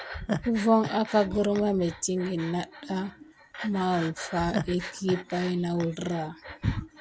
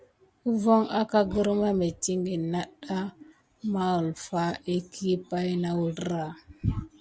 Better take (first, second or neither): second